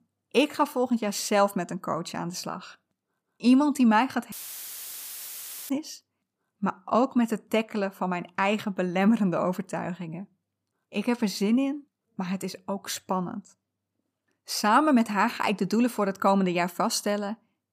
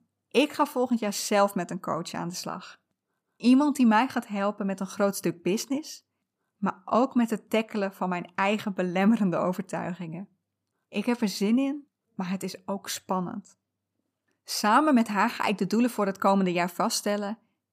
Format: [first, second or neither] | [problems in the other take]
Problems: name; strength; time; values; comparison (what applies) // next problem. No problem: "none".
second | audio cutting out; filled with static; at 4.5 s for 1.5 s